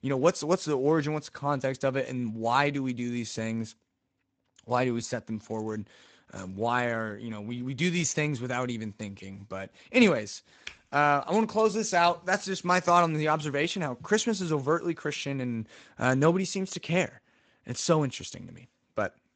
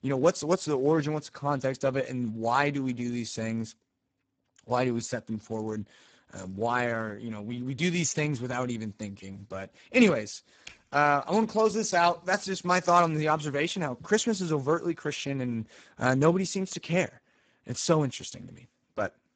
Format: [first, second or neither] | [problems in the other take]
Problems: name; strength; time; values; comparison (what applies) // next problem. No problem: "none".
first | garbled, watery; badly; nothing above 7.5 kHz; slightly in the first